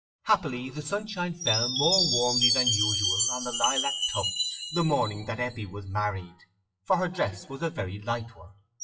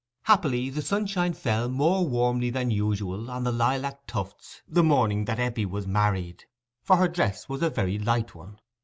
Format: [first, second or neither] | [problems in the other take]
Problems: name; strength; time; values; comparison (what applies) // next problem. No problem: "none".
second | noise reduction (classical method WPE with log-MMSE)